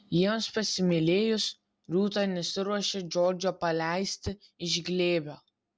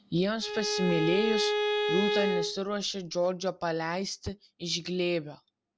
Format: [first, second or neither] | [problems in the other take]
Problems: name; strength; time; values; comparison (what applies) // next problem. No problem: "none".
first | background sound (Bowed string instrument); 1 dB above the speech